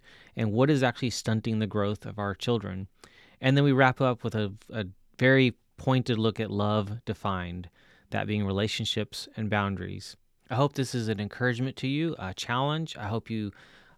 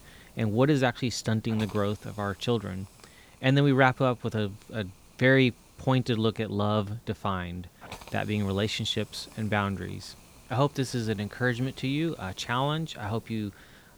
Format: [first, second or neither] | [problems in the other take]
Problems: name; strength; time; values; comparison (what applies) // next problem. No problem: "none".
first | hiss; faint; throughout; 25 dB below the speech